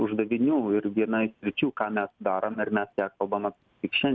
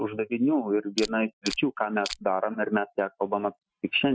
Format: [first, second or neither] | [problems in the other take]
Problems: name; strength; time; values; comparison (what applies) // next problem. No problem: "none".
first | noise reduction (classical method Wiener filter)